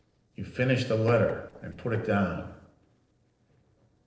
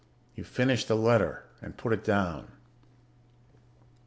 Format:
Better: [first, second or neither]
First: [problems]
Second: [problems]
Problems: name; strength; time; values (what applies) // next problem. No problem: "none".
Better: second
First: noise reduction (neural separator model SepFormer DNS4)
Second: none